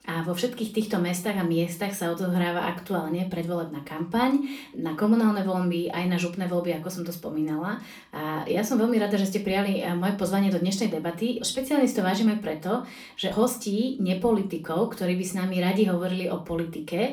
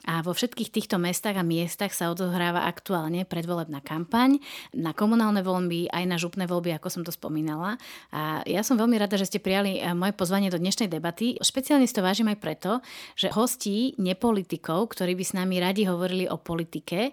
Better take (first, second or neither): second